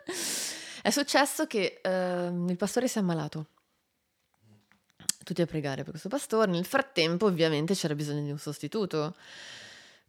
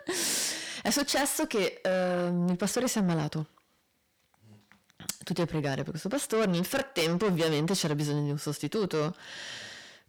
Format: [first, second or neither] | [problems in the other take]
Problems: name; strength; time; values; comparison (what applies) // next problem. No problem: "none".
first | distortion; heavy; 7 dB below the speech